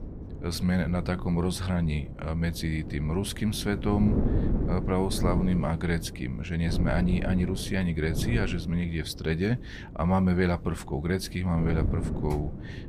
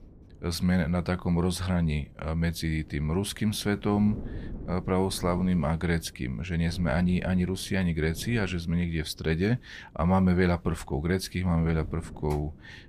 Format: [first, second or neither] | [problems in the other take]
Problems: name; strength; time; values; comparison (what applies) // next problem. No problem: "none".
second | wind noise on the microphone; heavy; 9 dB below the speech; occasional gusts in the second